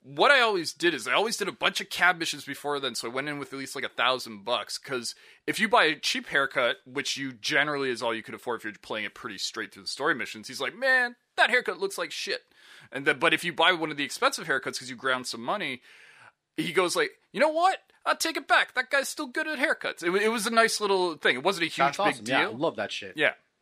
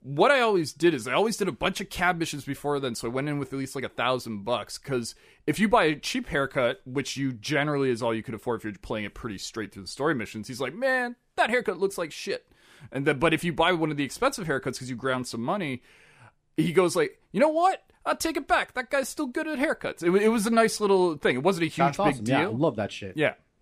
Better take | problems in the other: second | thin; somewhat; fading below 550 Hz

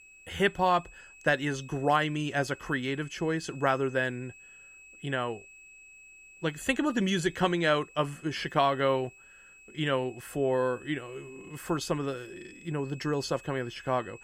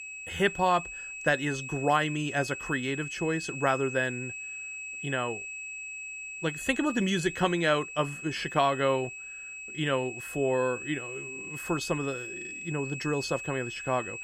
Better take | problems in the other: first | high-pitched whine; loud; throughout; 2.5 kHz, 8 dB below the speech; faint in the first

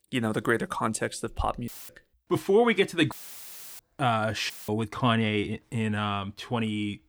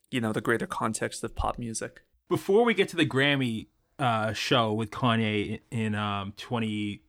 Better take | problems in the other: second | audio cutting out; filled with static; at 1.5 s, at 3 s for 0.5 s and at 4.5 s

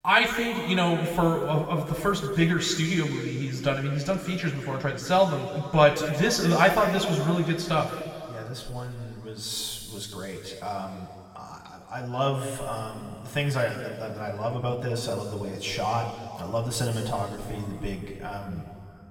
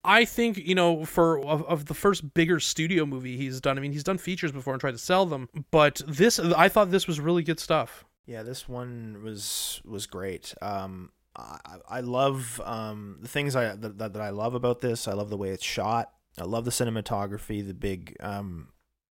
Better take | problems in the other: second | room echo; noticeable; dies away in 2.3 s // off-mic speech; far

